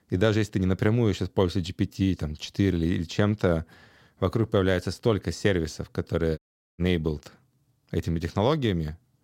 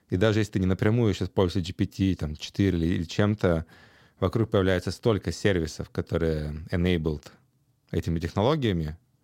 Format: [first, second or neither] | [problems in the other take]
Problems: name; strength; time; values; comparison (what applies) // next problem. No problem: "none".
second | audio cutting out; at 6.5 s